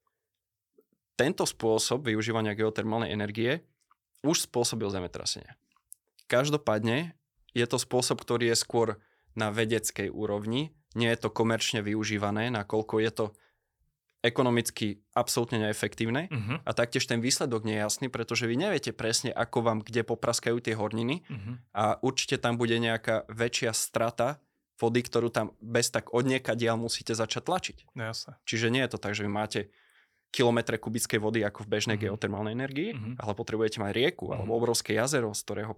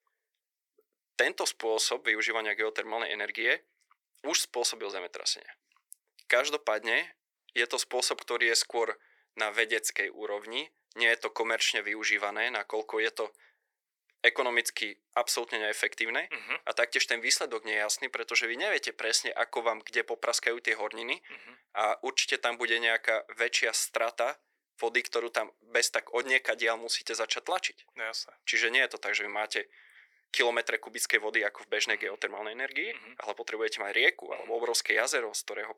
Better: first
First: none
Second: thin; very; fading below 400 Hz

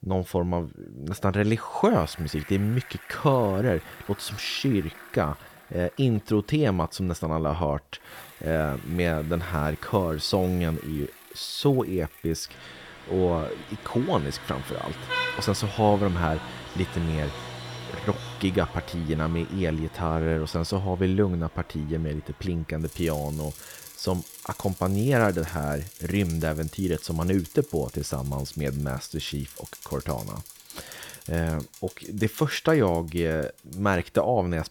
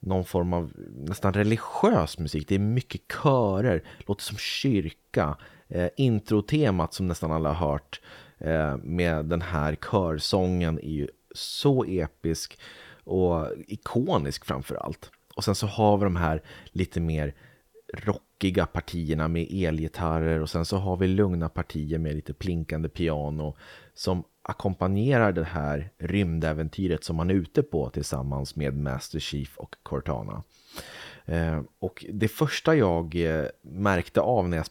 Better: second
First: traffic noise; noticeable; throughout; 15 dB below the speech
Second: none

